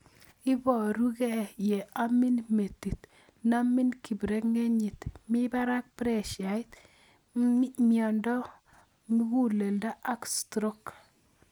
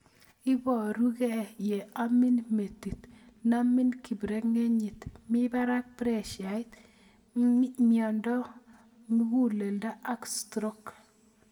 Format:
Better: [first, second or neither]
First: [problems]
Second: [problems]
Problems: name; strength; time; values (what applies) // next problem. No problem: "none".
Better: first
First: none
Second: room echo; dies away in 1.4 s